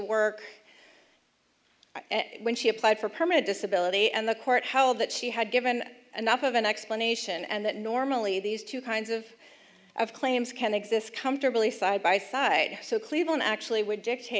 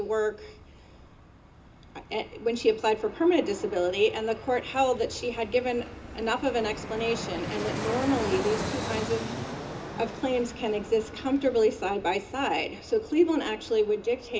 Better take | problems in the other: first | background sound (Fixed-wing aircraft, airplane); 10 dB below the speech // room echo; dies away in 0.2 s

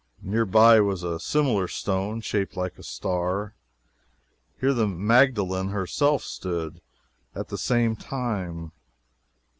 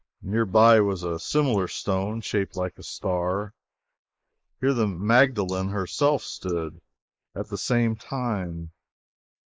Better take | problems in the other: first | noise reduction (neural mask model Resemble Enhance denoiser)

